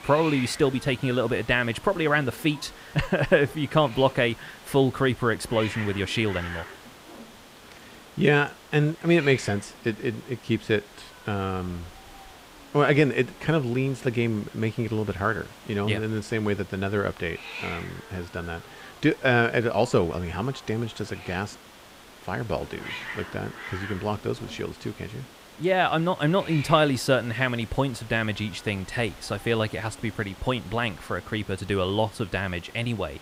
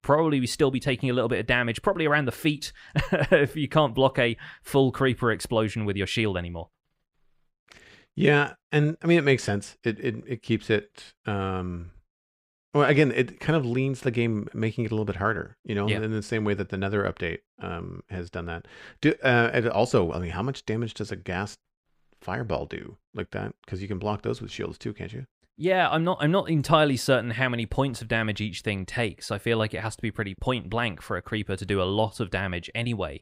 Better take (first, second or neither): second